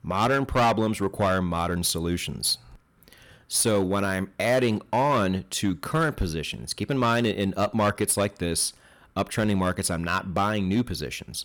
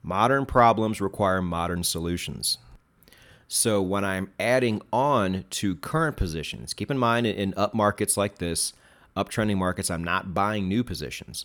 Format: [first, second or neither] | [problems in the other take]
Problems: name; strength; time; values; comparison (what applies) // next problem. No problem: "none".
second | distortion; slight; 5% of the sound clipped